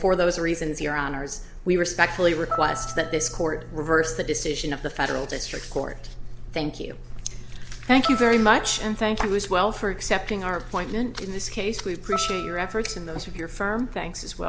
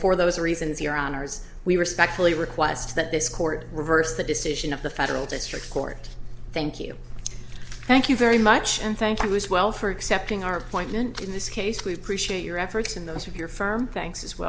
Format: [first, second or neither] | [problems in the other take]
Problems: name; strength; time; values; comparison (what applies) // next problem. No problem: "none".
second | background sound (Piano); 10 dB below the speech